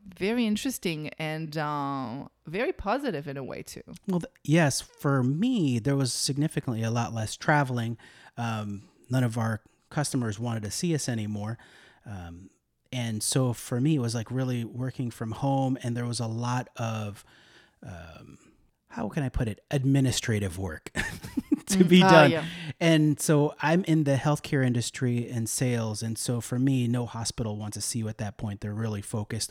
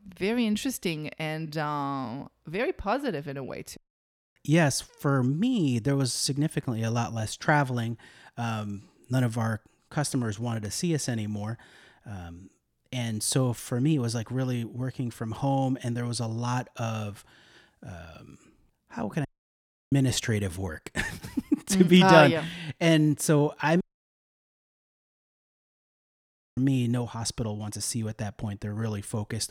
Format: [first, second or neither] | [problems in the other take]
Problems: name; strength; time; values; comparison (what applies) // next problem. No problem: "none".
first | audio cutting out; at 4 s for 0.5 s, at 19 s for 0.5 s and at 24 s for 3 s